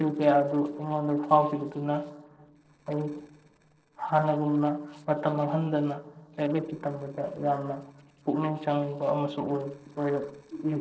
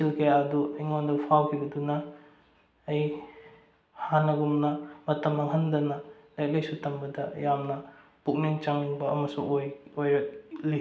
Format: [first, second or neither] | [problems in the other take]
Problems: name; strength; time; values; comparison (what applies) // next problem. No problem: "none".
second | noise reduction (neural separator model SepFormer DNS4)